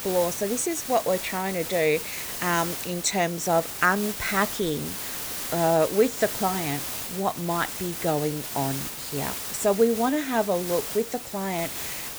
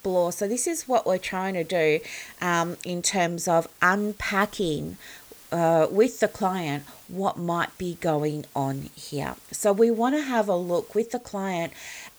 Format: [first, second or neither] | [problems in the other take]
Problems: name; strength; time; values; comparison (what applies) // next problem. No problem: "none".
second | hiss; loud; throughout; 5 dB below the speech; faint in the second